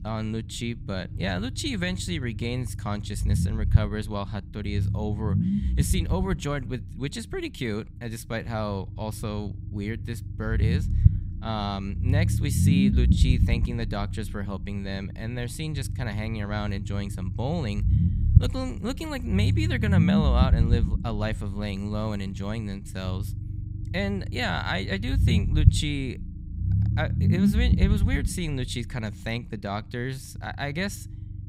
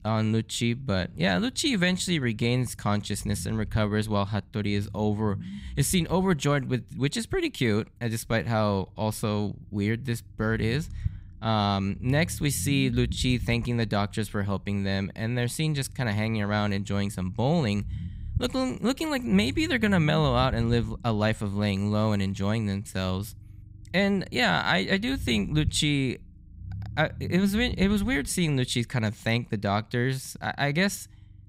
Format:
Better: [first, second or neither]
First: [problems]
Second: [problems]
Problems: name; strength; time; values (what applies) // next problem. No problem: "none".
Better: second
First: low rumble; loud; throughout; 5 dB below the speech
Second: low rumble; faint; throughout; 25 dB below the speech